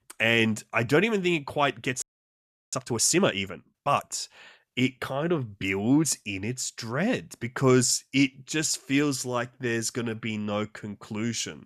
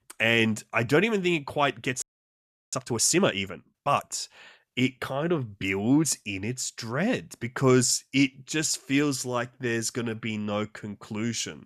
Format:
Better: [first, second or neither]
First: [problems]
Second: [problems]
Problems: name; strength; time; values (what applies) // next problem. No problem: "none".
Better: neither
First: audio freezing; at 2 s for 0.5 s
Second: audio freezing; at 2 s for 0.5 s